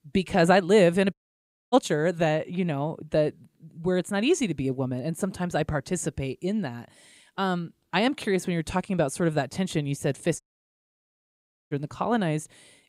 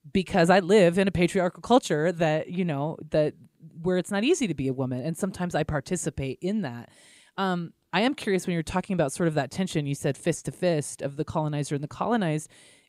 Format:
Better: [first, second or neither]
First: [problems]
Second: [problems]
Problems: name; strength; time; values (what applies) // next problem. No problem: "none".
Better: second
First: audio cutting out; at 1 s for 0.5 s and at 10 s for 1.5 s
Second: none